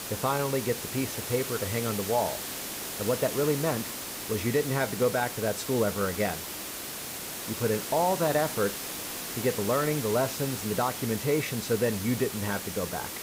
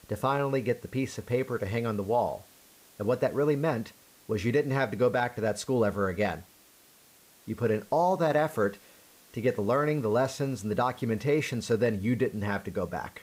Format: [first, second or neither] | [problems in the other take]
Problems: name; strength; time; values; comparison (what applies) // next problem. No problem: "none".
second | hiss; loud; throughout; 5 dB below the speech; faint in the second